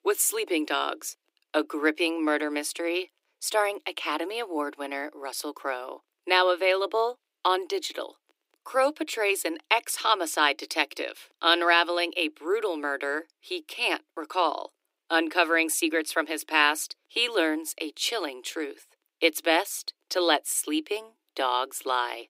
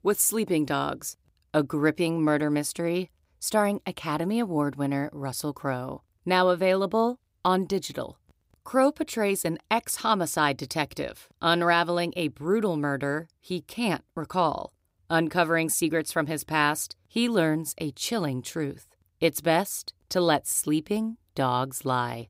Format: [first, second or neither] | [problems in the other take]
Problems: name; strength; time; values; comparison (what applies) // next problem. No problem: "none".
second | thin; somewhat; fading below 300 Hz